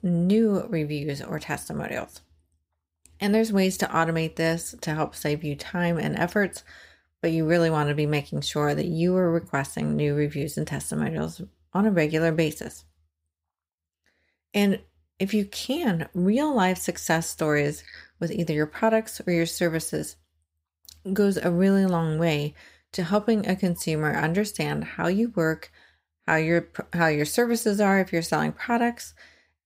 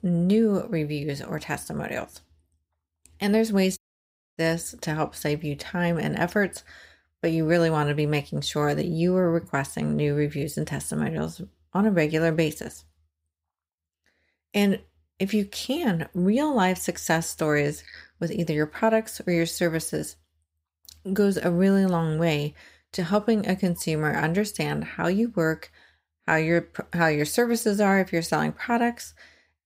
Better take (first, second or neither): first